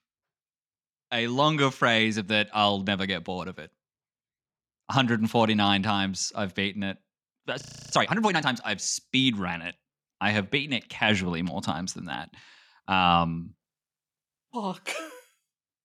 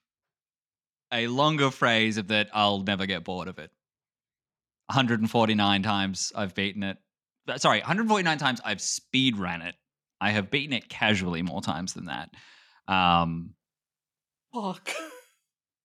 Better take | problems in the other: second | audio freezing; at 7.5 s

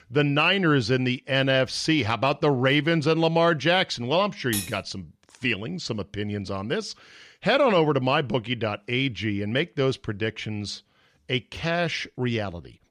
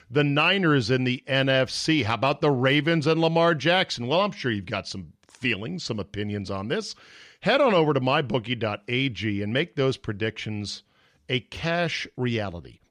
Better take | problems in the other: second | clattering dishes; noticeable; at 4.5 s; peak 7 dB below the speech

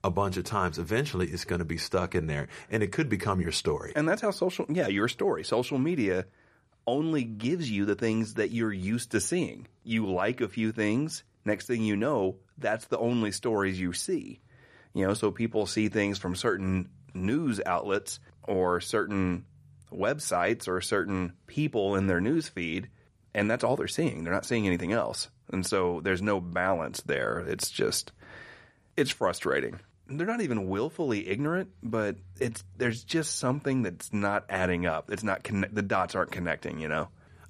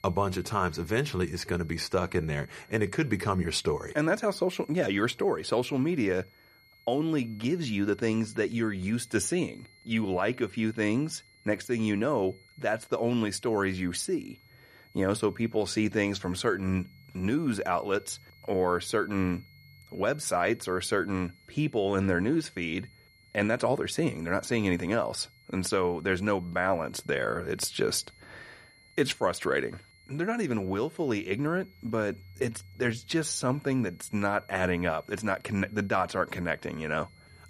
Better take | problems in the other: first | high-pitched whine; faint; throughout; 2 kHz, 30 dB below the speech

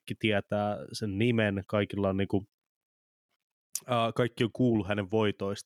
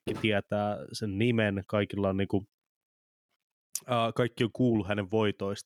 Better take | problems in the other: first | footsteps; noticeable; at the start; peak 9 dB below the speech

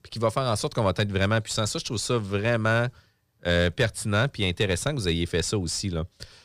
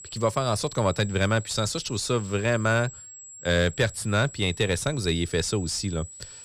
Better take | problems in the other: first | high-pitched whine; noticeable; throughout; 7.5 kHz, 15 dB below the speech

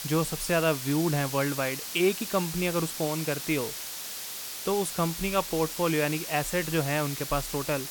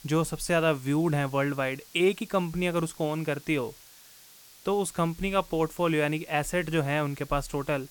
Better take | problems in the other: second | hiss; loud; throughout; 6 dB below the speech; faint in the second

